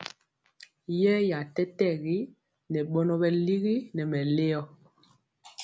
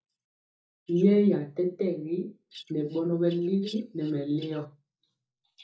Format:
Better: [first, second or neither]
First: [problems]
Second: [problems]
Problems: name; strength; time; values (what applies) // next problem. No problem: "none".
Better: first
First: none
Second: noise reduction (neural mask model DeepFilterNet 3)